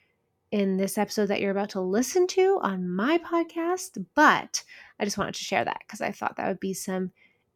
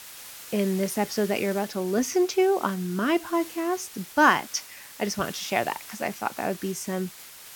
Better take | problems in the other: first | hiss; noticeable; throughout; 15 dB below the speech

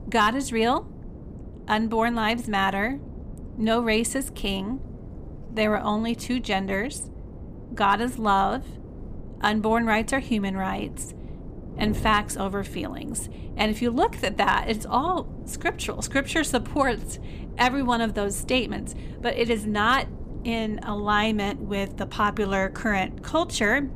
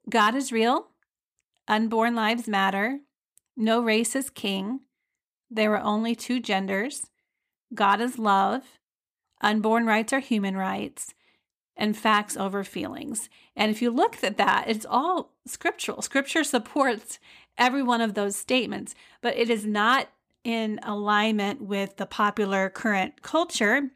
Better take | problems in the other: second | wind noise on the microphone; occasional gusts; 20 dB below the speech

